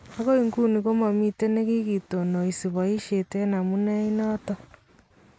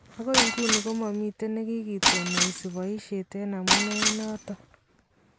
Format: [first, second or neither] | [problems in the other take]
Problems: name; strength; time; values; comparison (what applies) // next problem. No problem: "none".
first | background sound (Shatter); 3 dB above the speech